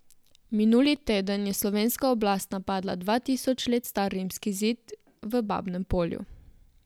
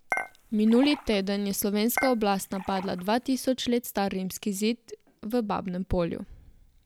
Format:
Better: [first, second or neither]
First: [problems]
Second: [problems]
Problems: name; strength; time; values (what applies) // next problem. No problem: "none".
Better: first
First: none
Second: background sound (Dishes, pots, and pans / Chink, clink); 10 dB below the speech